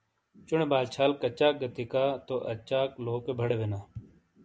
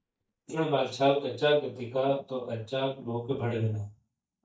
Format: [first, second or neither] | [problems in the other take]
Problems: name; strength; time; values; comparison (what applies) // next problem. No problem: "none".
first | noise reduction (neural mask model DeepFilterNet 3)